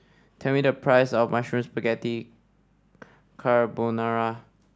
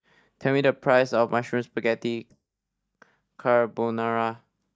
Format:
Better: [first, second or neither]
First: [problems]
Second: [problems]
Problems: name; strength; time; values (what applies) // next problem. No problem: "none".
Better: first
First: none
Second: noise reduction (neural mask model DeepFilterNet 3)